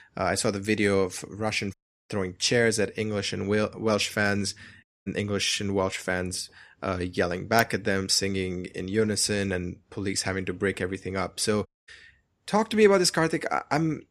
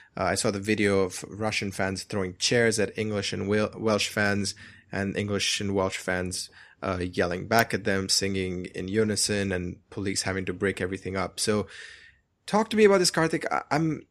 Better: second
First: audio cutting out; at 1.5 s, at 5 s and at 12 s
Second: none

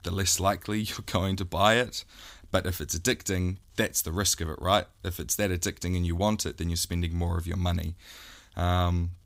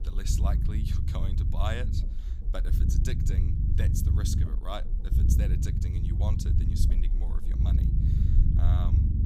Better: first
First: none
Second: low rumble; loud; throughout; 1 dB below the speech

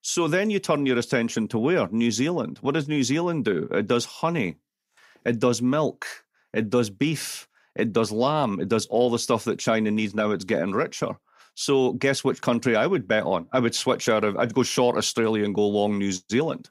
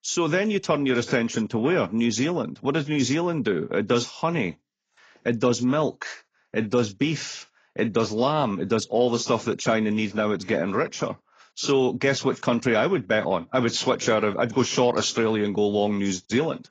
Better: first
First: none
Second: garbled, watery; badly

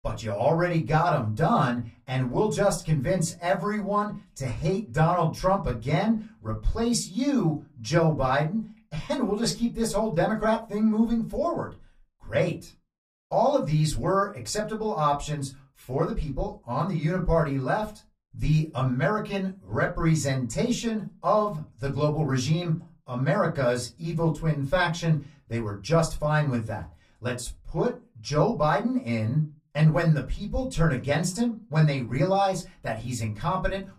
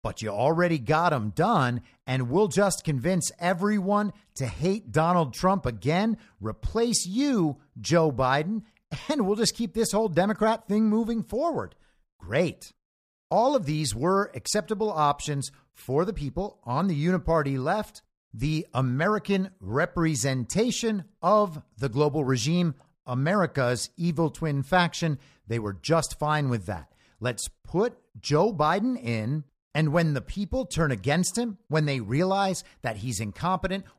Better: second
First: off-mic speech; far // room echo; very slight; dies away in 0.2 s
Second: none

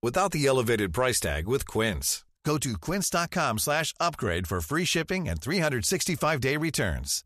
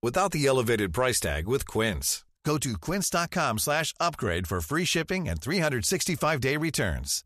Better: neither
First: none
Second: none

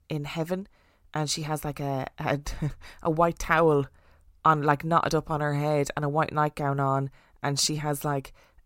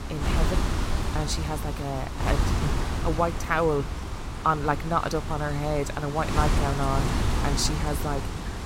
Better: first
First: none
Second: wind noise on the microphone; heavy; 5 dB below the speech

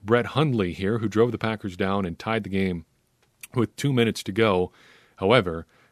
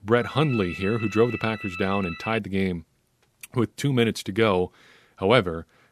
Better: first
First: none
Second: phone ringing; noticeable; until 2.5 s; peak 9 dB below the speech

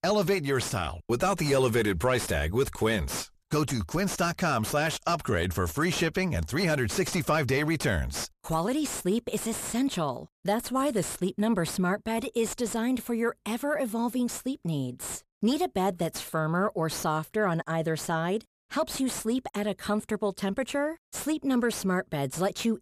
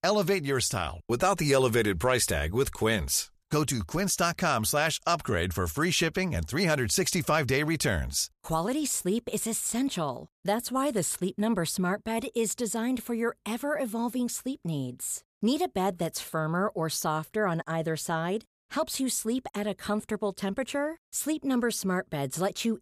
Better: second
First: distortion; slight; 10 dB below the speech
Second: none

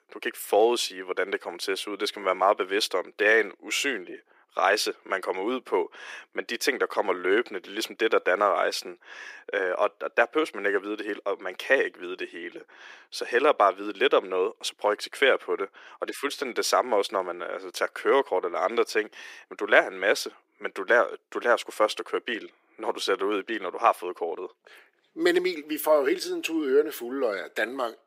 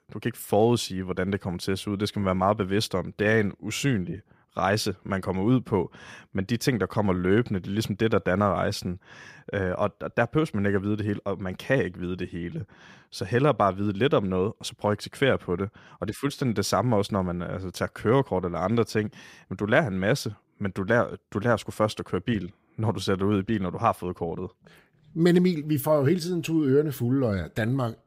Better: second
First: thin; very; fading below 350 Hz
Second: none

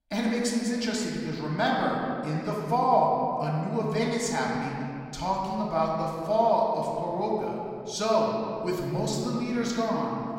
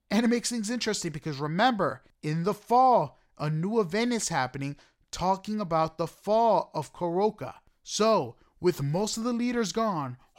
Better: second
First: room echo; noticeable; dies away in 2.1 s // off-mic speech; far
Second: none

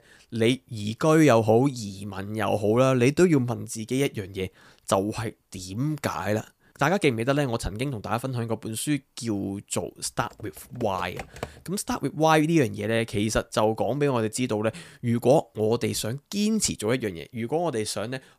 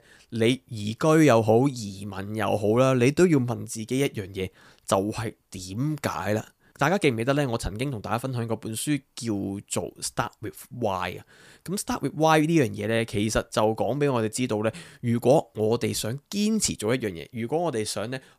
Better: second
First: keyboard typing; faint; from 10 to 12 s; peak 10 dB below the speech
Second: none

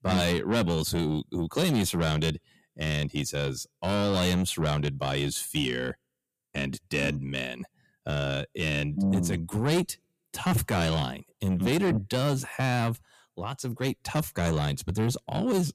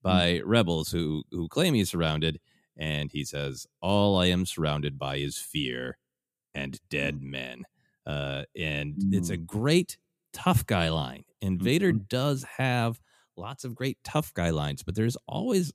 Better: second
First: distortion; heavy; 8 dB below the speech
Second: none

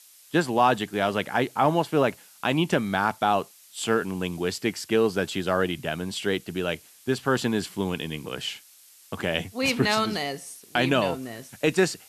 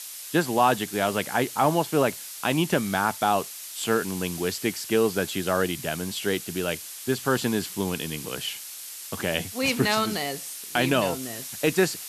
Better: first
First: hiss; faint; throughout; 25 dB below the speech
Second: hiss; loud; throughout; 10 dB below the speech

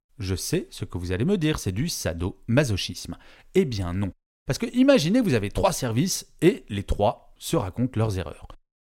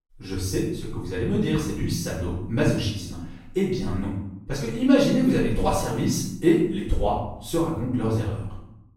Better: first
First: none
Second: off-mic speech; far // room echo; noticeable; dies away in 0.7 s

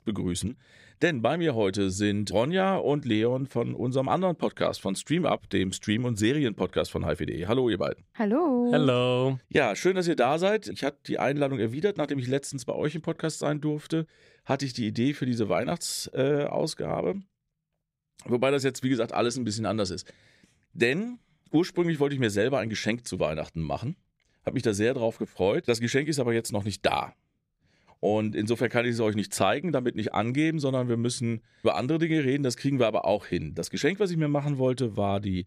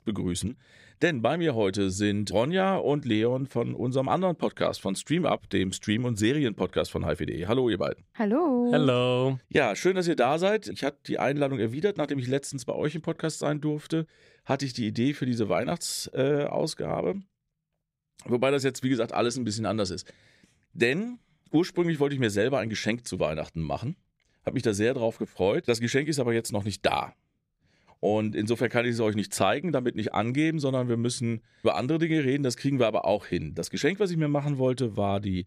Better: neither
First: none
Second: none

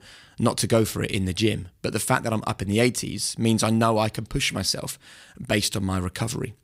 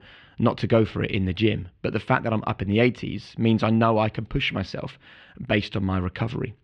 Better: first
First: none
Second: muffled; very; fading above 3 kHz

